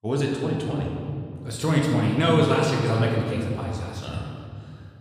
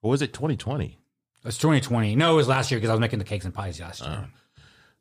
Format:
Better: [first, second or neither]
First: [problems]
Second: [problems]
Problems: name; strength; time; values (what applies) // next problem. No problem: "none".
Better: second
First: room echo; noticeable; dies away in 2.1 s // off-mic speech; somewhat distant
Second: none